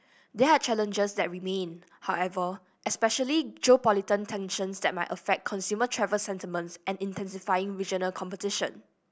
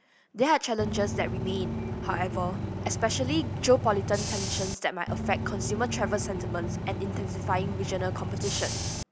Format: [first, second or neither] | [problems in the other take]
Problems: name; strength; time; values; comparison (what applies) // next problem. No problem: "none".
first | background sound (Bus / Engine); 2 dB below the speech